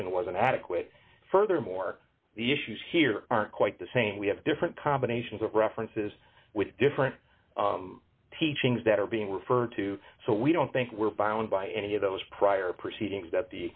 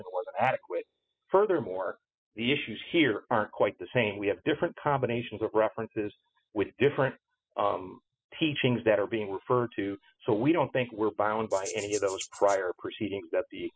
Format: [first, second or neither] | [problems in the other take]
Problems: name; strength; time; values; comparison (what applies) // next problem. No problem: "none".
first | noise reduction (classical method spectral subtraction)